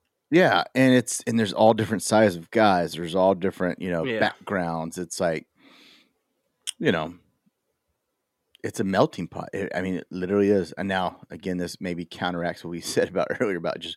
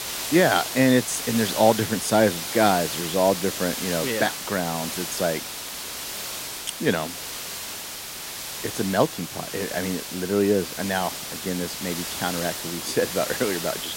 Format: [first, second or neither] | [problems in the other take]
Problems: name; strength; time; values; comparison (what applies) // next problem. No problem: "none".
first | hiss; loud; throughout; 6 dB below the speech